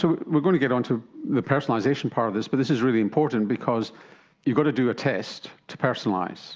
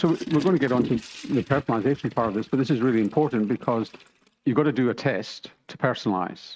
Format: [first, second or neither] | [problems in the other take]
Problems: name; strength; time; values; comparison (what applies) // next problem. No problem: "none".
first | noise reduction (neural mask model RNNoise)